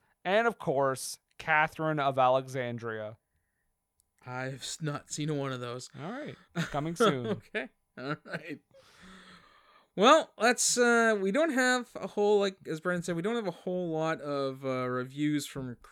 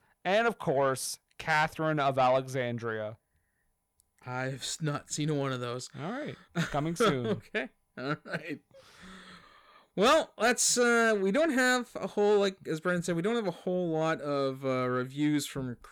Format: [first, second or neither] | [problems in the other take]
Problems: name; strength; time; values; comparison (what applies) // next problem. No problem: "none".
first | distortion; slight; 10 dB below the speech